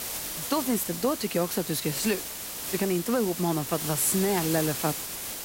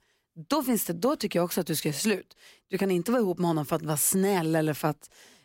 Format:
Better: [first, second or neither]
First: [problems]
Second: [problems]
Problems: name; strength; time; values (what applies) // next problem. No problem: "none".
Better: second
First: hiss; loud; throughout; 4 dB below the speech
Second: none